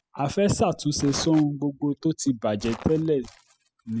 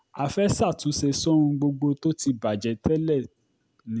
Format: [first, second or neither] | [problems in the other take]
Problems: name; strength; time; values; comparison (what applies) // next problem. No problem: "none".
second | noise reduction (classical method spectral subtraction)